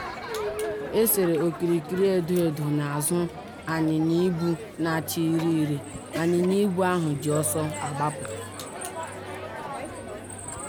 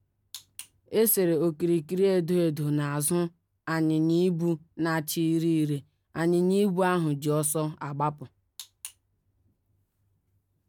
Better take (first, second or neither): second